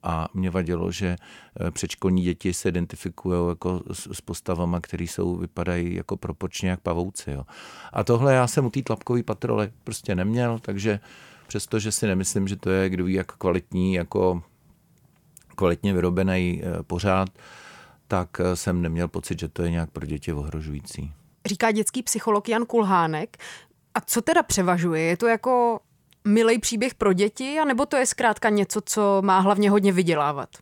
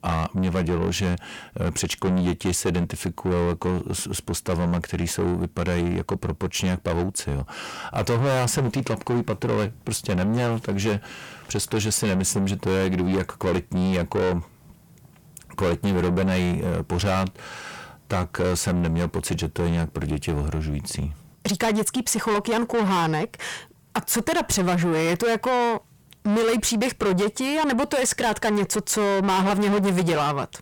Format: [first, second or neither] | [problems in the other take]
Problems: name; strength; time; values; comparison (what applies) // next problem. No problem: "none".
first | distortion; heavy; 7 dB below the speech